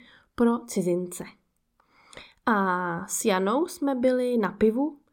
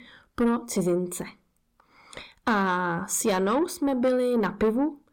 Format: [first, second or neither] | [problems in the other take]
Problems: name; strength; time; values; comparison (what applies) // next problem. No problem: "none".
first | distortion; slight; 10 dB below the speech